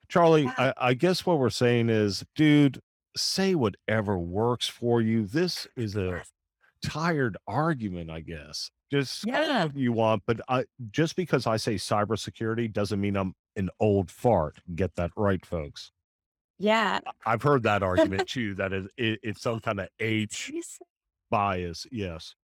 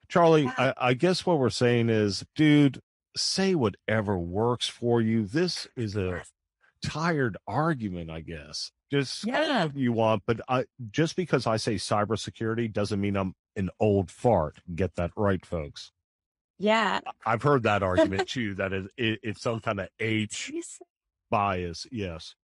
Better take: first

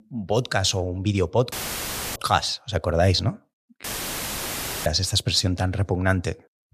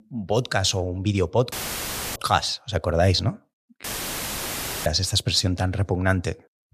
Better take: neither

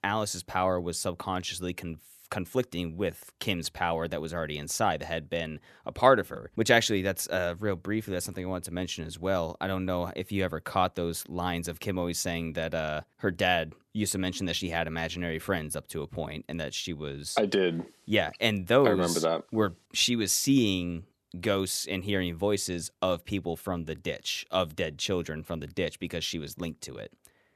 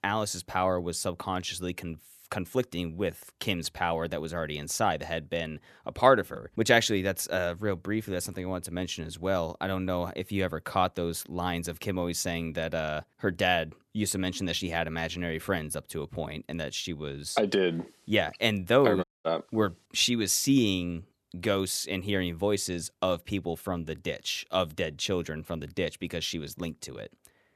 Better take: first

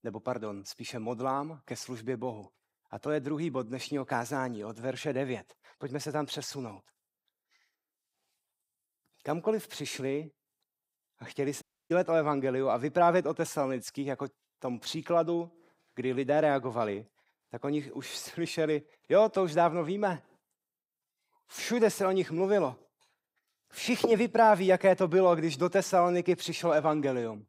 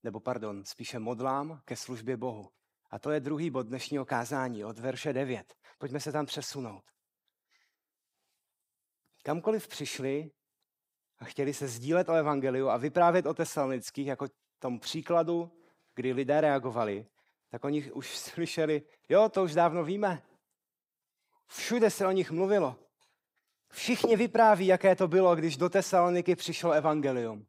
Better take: second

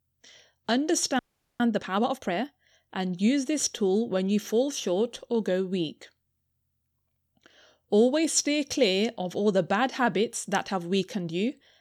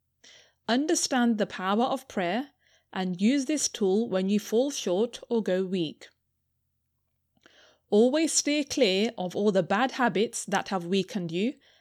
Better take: second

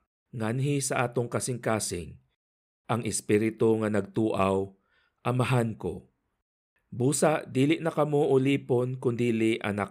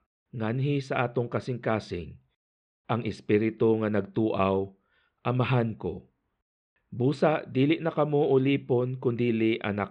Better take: first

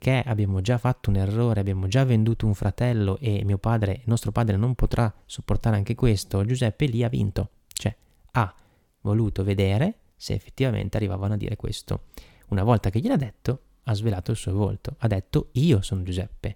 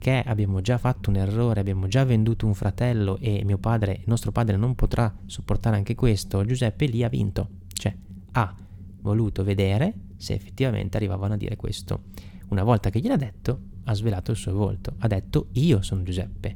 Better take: first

